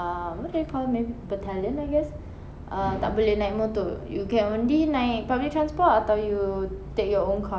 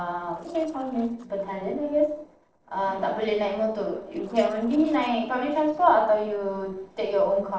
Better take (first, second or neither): first